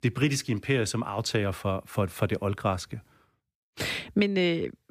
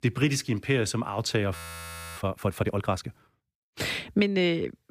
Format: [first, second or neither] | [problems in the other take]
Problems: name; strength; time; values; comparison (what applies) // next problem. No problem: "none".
first | audio freezing; at 1.5 s for 0.5 s